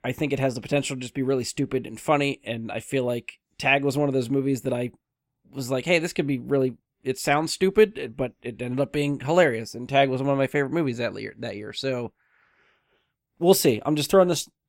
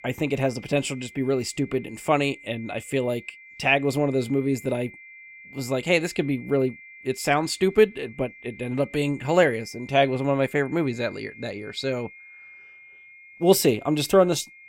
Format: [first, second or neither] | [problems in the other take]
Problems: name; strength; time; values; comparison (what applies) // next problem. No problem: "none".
first | high-pitched whine; noticeable; throughout; 2 kHz, 20 dB below the speech